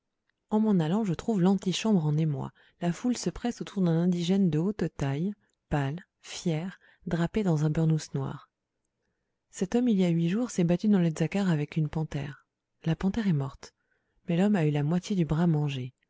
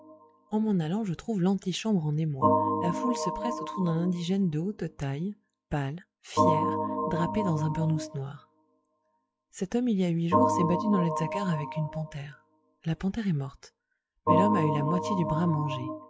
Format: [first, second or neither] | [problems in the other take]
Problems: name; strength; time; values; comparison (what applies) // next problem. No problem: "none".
first | noise reduction (classical method log-MMSE)